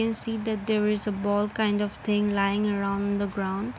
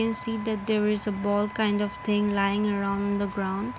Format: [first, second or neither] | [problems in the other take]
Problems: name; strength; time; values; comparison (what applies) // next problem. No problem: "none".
first | background sound (Wind instrument, woodwind instrument); 16 dB below the speech